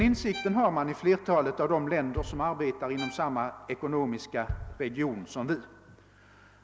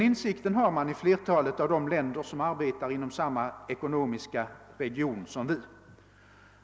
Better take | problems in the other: second | background sound (Bass drum + Bowed string instrument); 13 dB below the speech

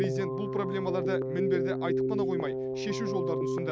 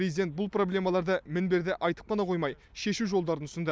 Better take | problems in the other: second | background sound (Keyboard (musical)); 4 dB above the speech

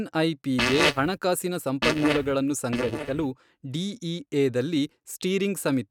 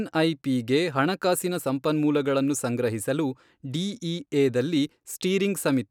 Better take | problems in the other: second | noise reduction (neural mask model RNNoise)

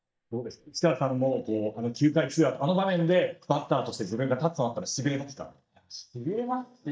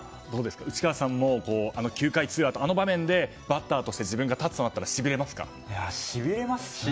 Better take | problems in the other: second | noise reduction (neural mask model DeepFilterNet 3)

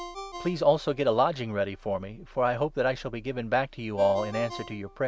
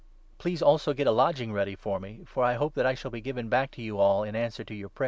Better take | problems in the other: second | background sound (Ringtone); 17 dB below the speech

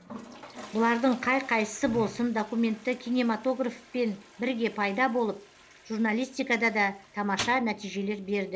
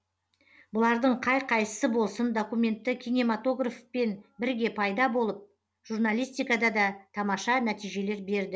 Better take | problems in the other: second | background sound (Toilet flush); 17 dB below the speech

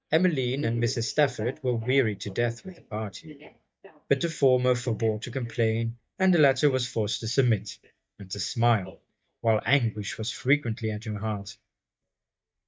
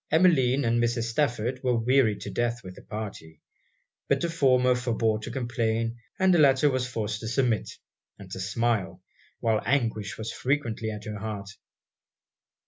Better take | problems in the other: second | noise reduction (neural mask model DeepFilterNet 3)

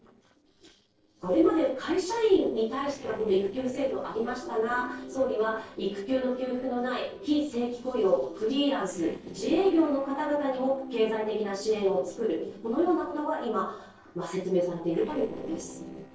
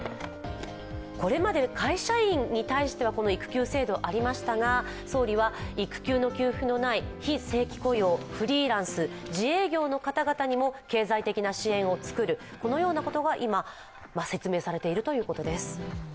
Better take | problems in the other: second | noise reduction (neural separator model SepFormer DNS4)

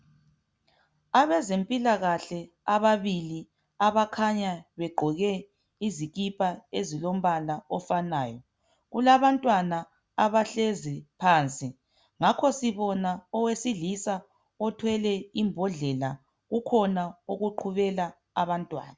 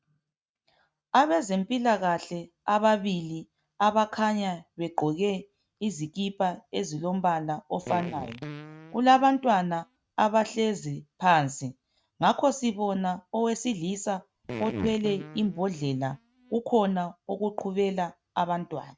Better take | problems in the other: first | noise reduction (neural mask model RNNoise)

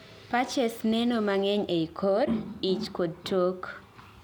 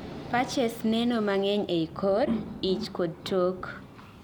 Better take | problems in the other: first | background sound (Thunder); 16 dB below the speech

